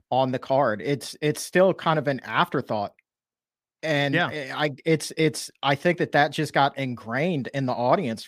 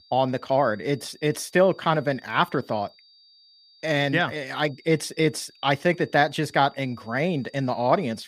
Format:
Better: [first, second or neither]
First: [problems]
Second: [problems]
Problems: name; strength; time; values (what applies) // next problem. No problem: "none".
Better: first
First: none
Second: high-pitched whine; faint; throughout; 4.5 kHz, 30 dB below the speech